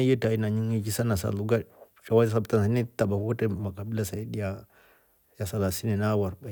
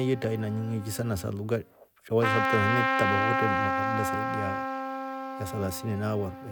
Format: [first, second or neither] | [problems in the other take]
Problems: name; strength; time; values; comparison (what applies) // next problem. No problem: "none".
first | background sound (Trumpet); as loud as the speech